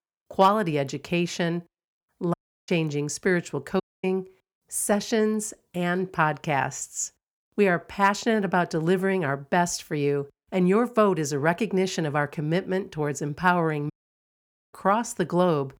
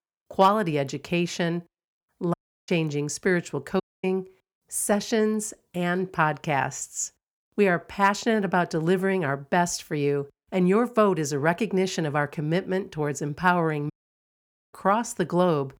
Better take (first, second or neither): neither